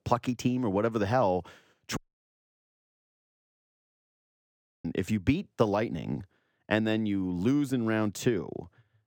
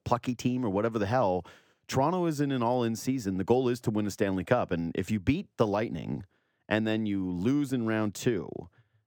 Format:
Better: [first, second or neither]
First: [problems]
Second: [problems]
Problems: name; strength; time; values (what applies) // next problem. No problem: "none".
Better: second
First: audio cutting out; at 2 s for 3 s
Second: none